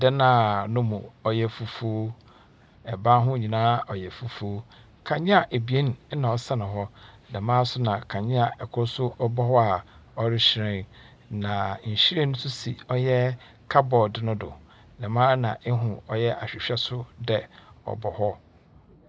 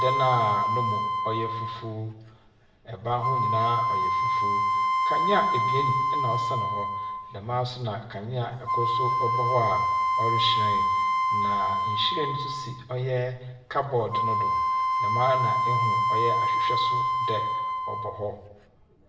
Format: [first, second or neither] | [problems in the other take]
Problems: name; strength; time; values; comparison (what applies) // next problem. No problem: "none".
first | background sound (Wind instrument, woodwind instrument); 5 dB above the speech // room echo; dies away in 0.7 s